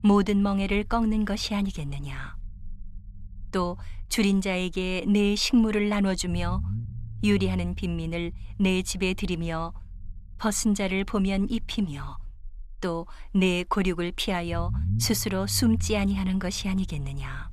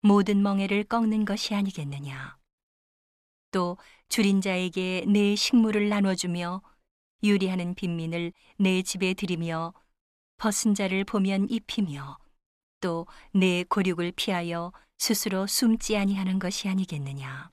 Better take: second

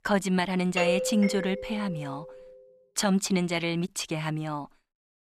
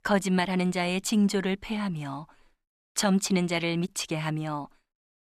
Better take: second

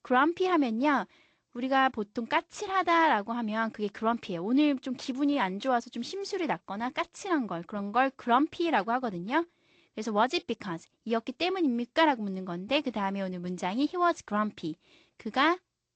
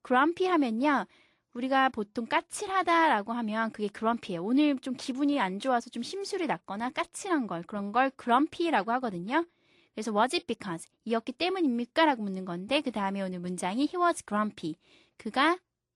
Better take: second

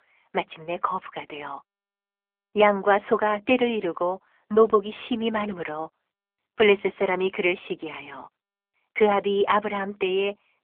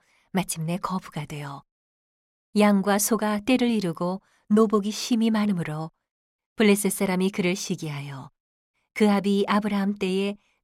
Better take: second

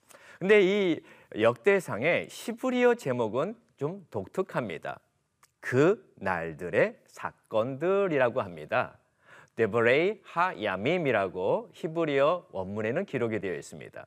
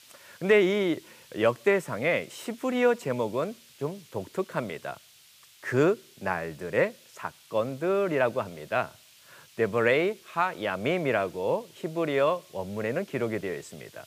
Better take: first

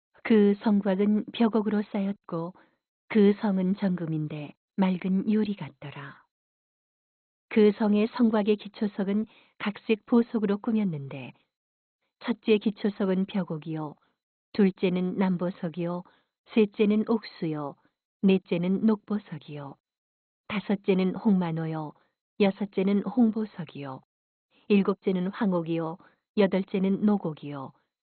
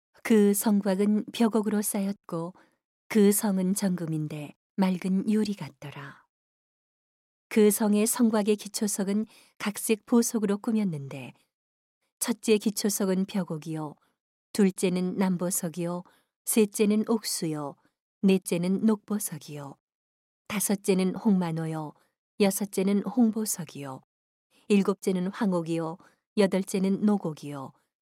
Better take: second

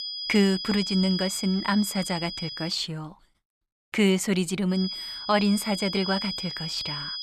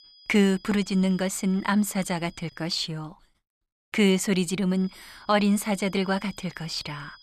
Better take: second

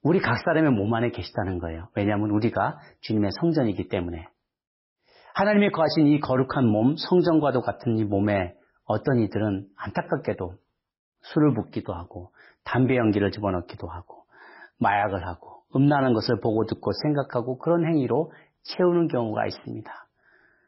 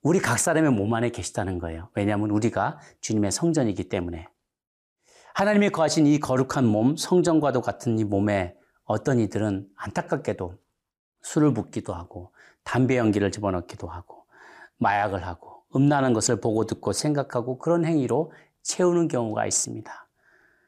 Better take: second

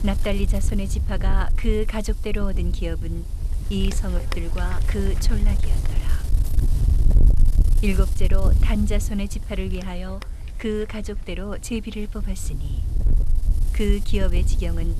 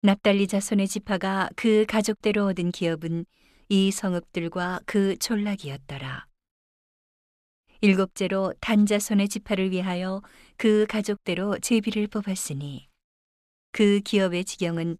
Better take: second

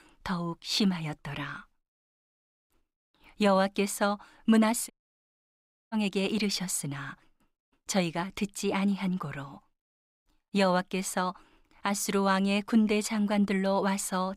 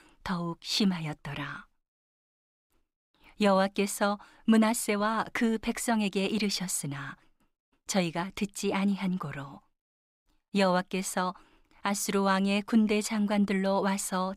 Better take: second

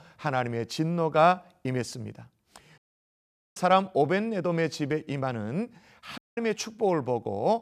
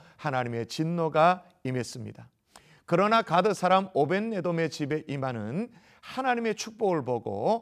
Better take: second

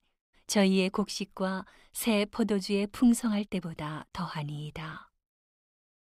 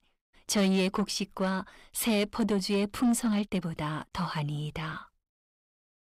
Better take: first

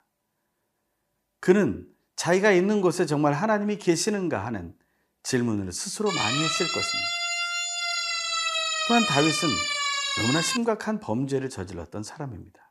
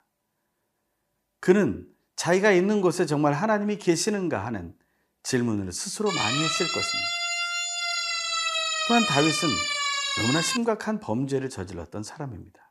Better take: neither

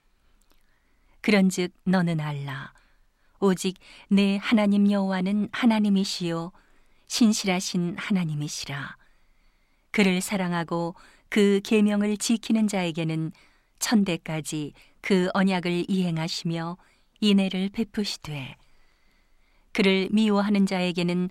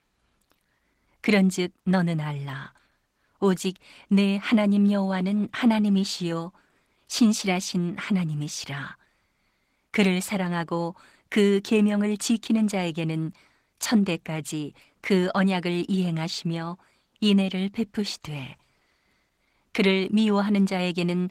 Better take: first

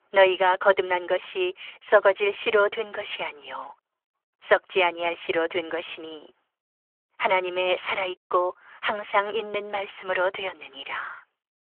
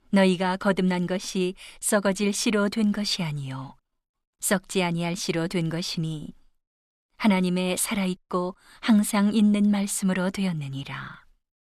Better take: second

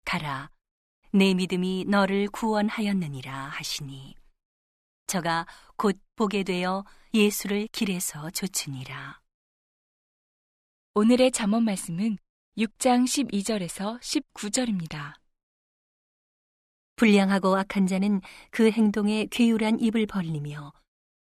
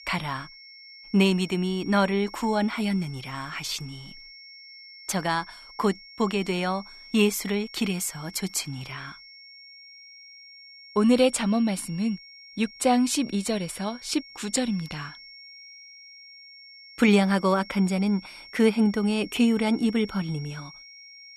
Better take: first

